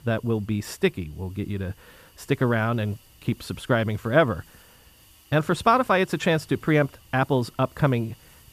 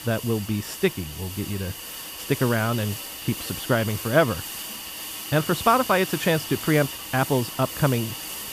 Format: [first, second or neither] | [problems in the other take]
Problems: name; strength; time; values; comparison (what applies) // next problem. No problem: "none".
first | hiss; loud; throughout; 8 dB below the speech; faint in the first